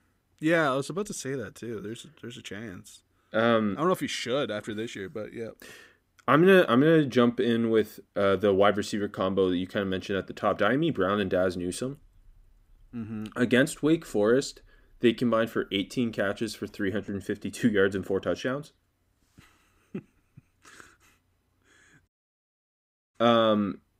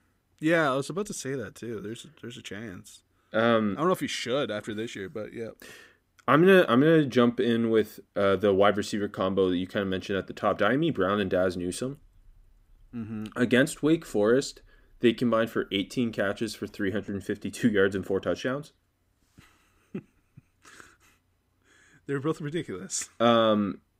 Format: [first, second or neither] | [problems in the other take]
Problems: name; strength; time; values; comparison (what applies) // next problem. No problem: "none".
second | audio cutting out; at 22 s for 1 s